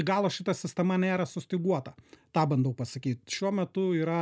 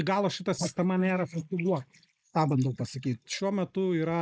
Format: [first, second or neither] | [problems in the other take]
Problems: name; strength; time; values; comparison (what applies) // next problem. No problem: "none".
first | noise reduction (neural mask model Resemble Enhance denoiser)